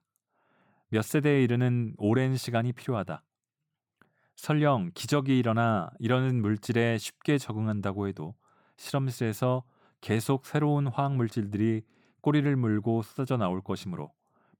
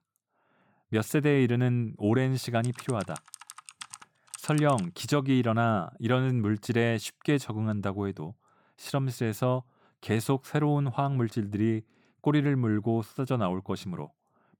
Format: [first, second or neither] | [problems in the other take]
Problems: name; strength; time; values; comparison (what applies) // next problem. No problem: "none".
first | keyboard typing; faint; from 2.5 to 5 s; peak 15 dB below the speech